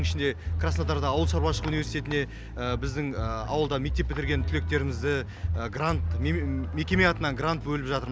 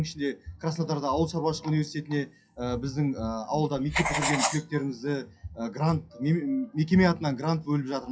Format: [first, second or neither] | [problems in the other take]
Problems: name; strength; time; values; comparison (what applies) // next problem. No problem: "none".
first | noise reduction (classical method WPE with log-MMSE)